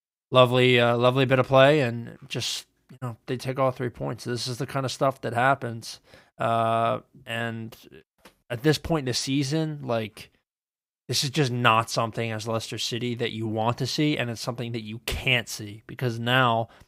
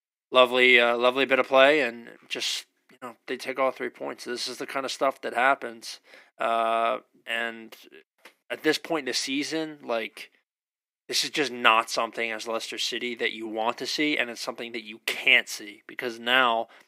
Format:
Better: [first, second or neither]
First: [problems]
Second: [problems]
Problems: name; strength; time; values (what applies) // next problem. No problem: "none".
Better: first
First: none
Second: thin; somewhat; fading below 250 Hz